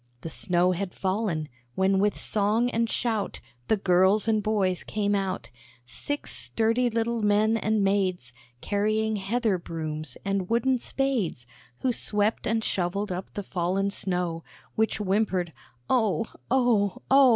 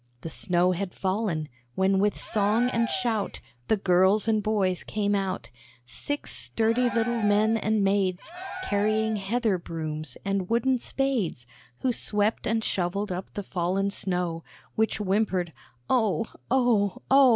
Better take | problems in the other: first | background sound (Cheering); 12 dB below the speech

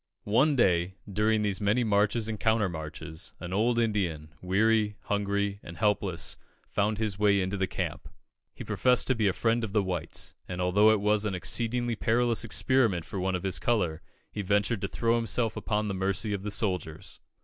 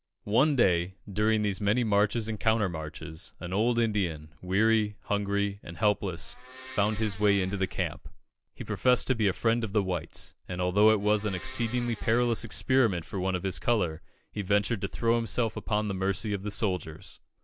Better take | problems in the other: first | background sound (Domestic sounds, home sounds); 19 dB below the speech

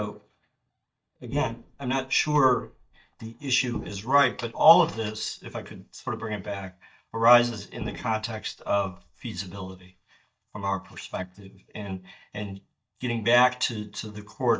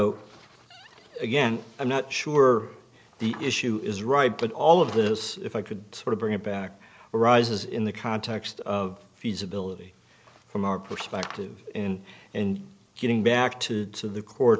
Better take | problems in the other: second | noise reduction (neural mask model DeepFilterNet 3)

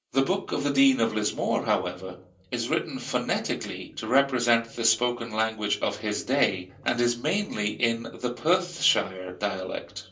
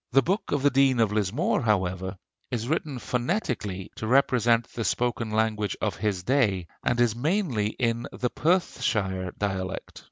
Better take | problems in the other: second | room echo; dies away in 0.3 s

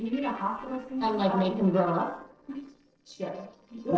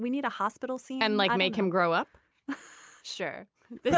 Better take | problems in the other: second | noise reduction (neural separator model SepFormer DNS4)

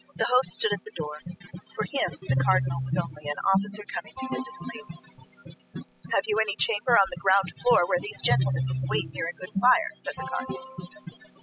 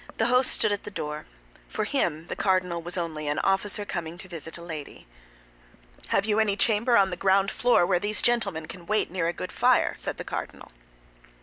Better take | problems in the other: second | noise reduction (classical method spectral subtraction)

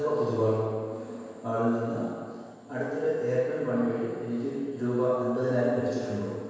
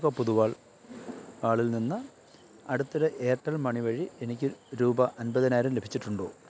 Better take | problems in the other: second | room echo; dies away in 1.9 s

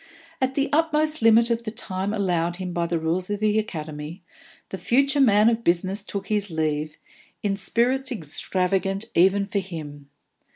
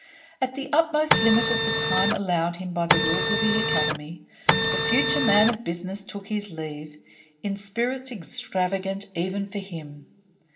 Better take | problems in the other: first | background sound (Printer); 4 dB above the speech // room echo; dies away in 0.7 s

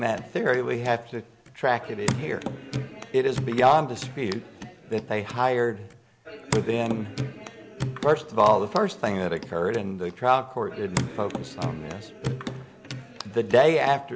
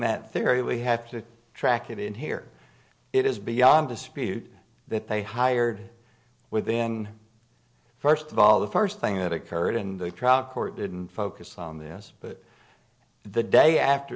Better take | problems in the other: second | background sound (Hands / Wood); 9 dB below the speech

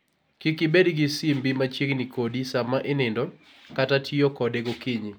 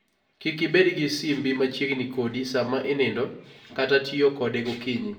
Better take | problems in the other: first | room echo; dies away in 0.5 s

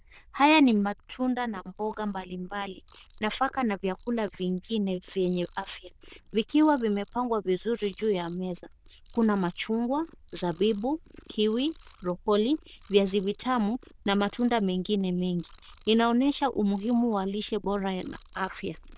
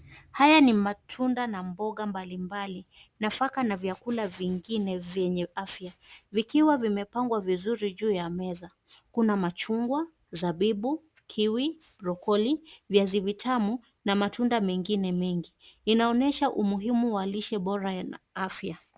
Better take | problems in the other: second | noise reduction (neural diffusion model UNIVERSE++)

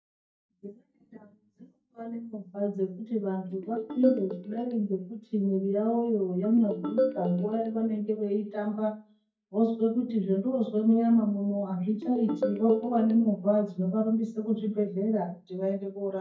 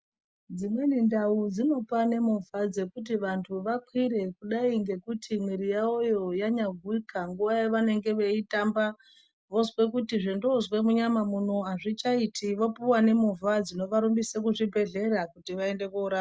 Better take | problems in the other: second | noise reduction (neural mask model DeepFilterNet 3)

